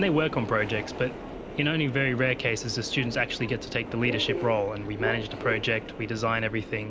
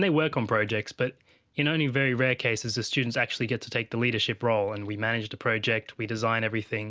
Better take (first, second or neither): second